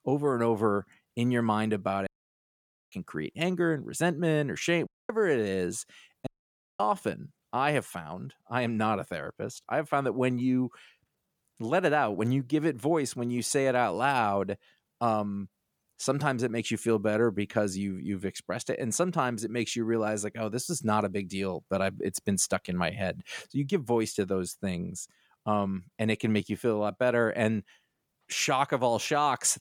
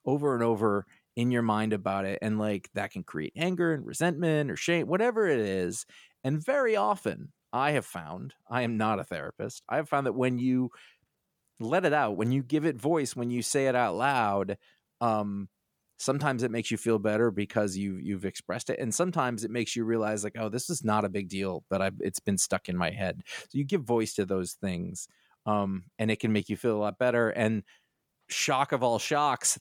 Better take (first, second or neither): second